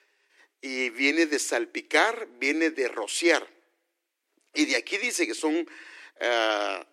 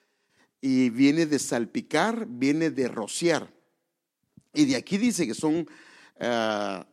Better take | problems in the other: second | thin; somewhat; fading below 300 Hz

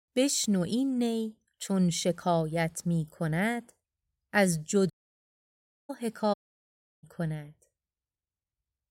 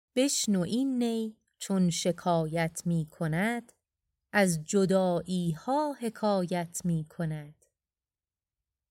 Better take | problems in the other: second | audio cutting out; at 5 s for 1 s and at 6.5 s for 0.5 s

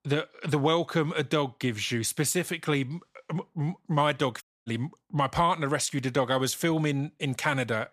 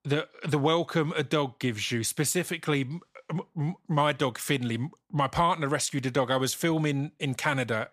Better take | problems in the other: second | audio cutting out; at 4.5 s

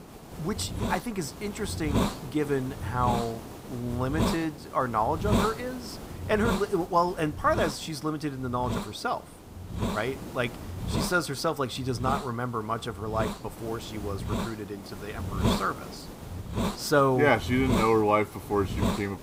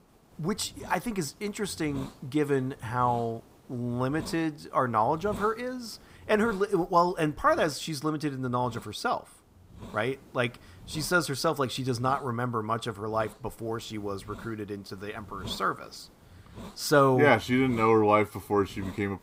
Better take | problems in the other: second | hiss; loud; throughout; 5 dB below the speech; faint in the second

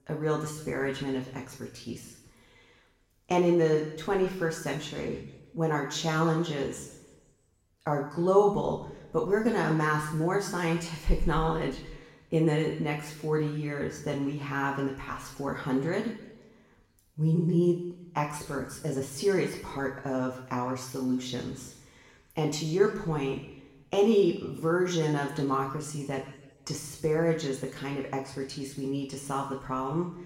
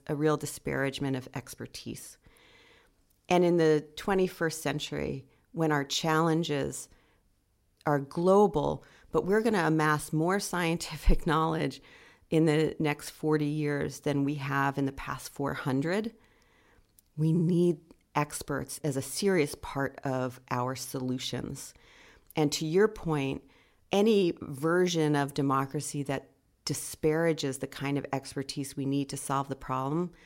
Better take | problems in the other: second | room echo; noticeable; dies away in 0.9 s // off-mic speech; far

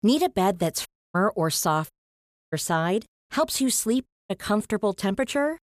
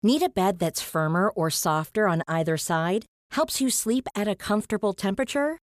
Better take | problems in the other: second | audio cutting out; at 1 s, at 2 s for 0.5 s and at 4 s

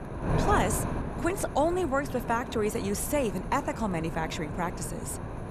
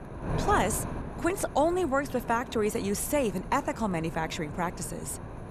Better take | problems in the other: second | wind noise on the microphone; heavy; 8 dB below the speech; occasional gusts in the second

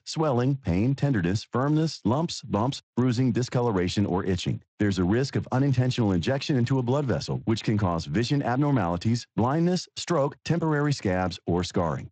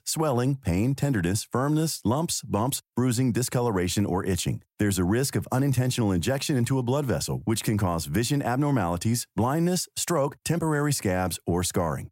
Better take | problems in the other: second | garbled, watery; slightly; nothing above 8 kHz

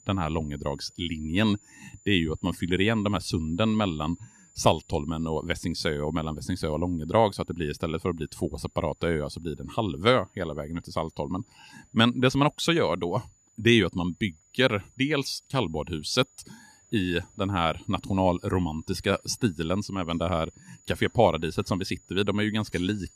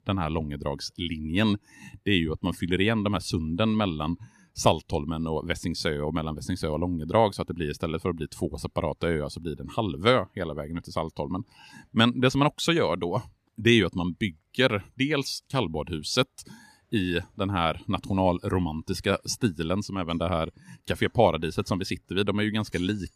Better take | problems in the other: second | high-pitched whine; faint; throughout; 7 kHz, 30 dB below the speech

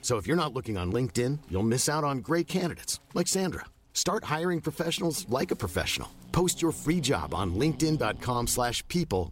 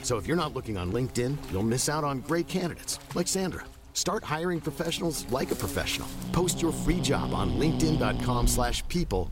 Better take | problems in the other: first | animal sounds; loud; throughout; 6 dB below the speech; faint in the first

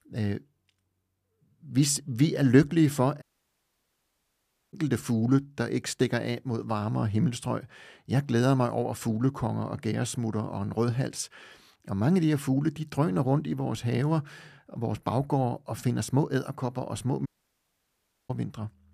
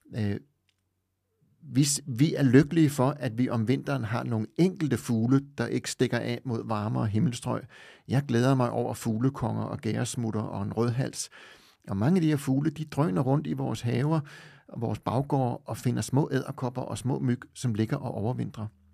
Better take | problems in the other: second | audio cutting out; at 3 s for 1.5 s and at 17 s for 1 s

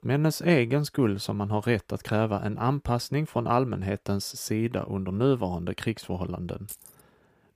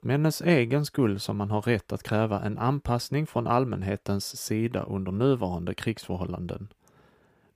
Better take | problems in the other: second | jangling keys; faint; at 6.5 s; peak 15 dB below the speech

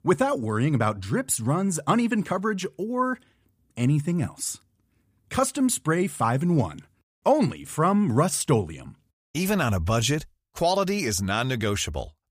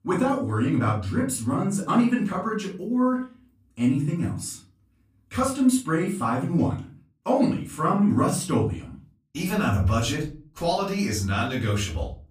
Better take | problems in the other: first | off-mic speech; far // room echo; slight; dies away in 0.3 s

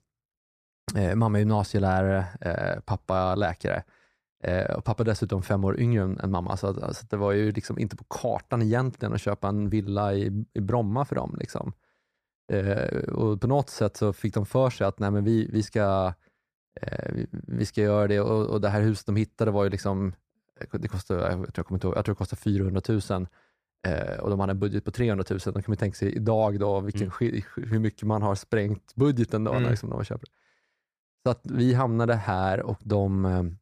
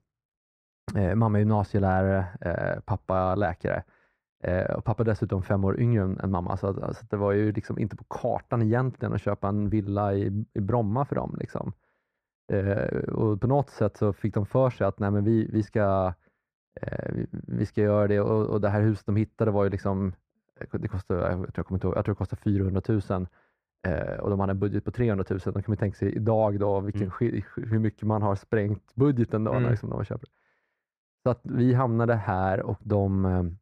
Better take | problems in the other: first | muffled; slightly; fading above 3 kHz

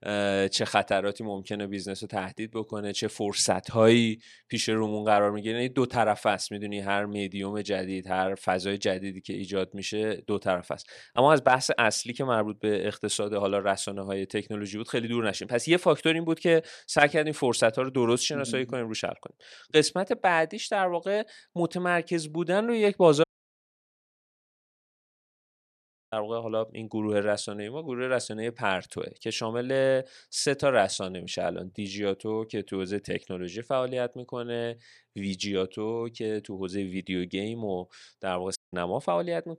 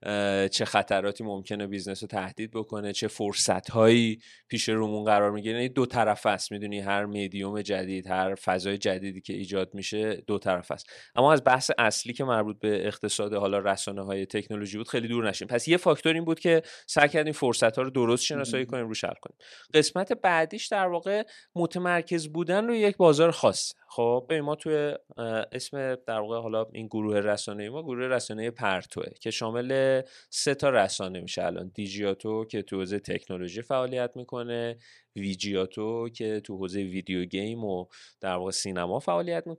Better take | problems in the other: second | audio cutting out; at 23 s for 3 s and at 39 s

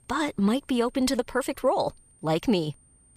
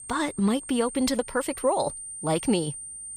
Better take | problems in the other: first | high-pitched whine; loud; throughout; 9 kHz, 10 dB below the speech; faint in the first

